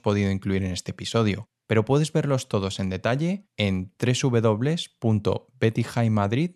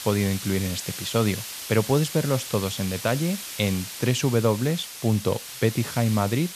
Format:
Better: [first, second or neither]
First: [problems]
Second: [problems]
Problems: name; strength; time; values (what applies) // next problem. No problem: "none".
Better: first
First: none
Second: hiss; loud; throughout; 9 dB below the speech